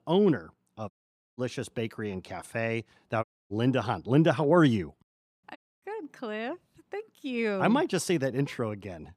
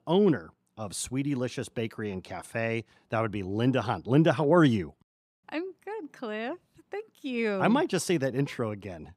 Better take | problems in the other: second | audio cutting out; at 1 s, at 3 s and at 5.5 s

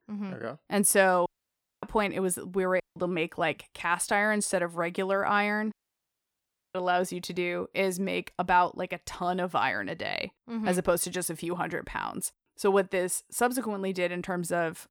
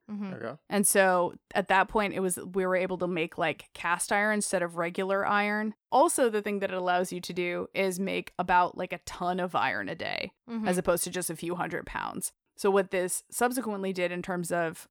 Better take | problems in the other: second | audio cutting out; at 1.5 s for 0.5 s, at 3 s and at 5.5 s for 1 s

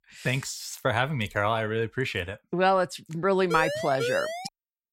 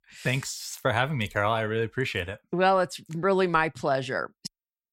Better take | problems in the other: second | siren; noticeable; at 3.5 s; peak 3 dB below the speech

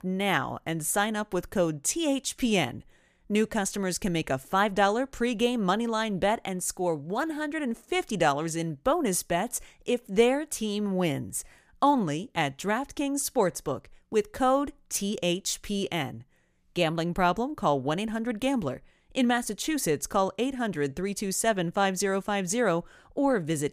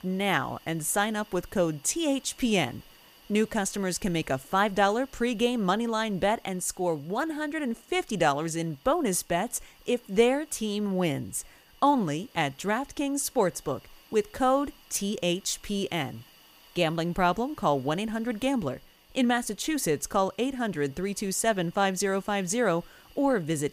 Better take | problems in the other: first | hiss; faint; throughout; 25 dB below the speech

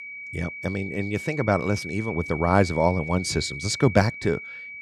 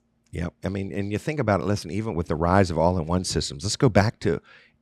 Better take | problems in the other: second | high-pitched whine; loud; throughout; 2.5 kHz, 10 dB below the speech

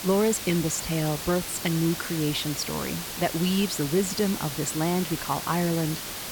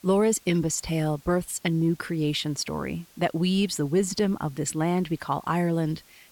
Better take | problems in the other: second | hiss; loud; throughout; 6 dB below the speech; faint in the second

